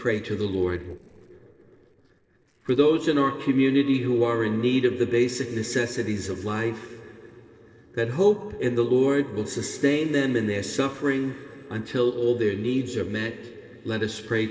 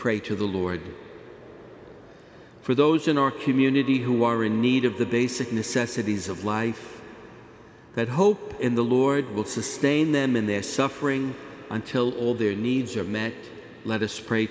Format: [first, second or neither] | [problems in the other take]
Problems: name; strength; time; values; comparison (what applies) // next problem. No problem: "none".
second | noise reduction (neural separator model SepFormer DNS4)